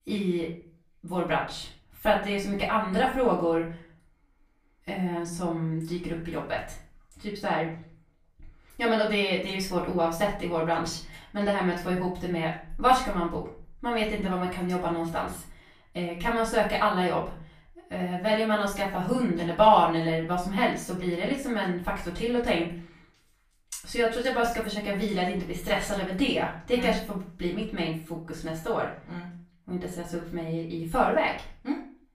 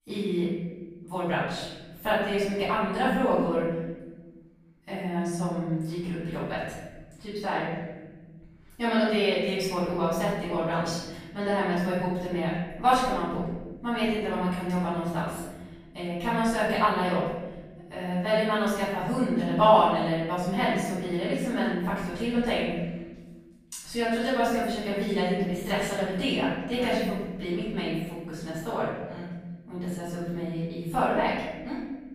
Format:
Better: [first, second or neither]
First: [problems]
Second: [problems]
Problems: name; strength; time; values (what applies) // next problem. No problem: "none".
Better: first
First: room echo; slight; dies away in 0.4 s // off-mic speech; far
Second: room echo; strong; dies away in 1.4 s // off-mic speech; far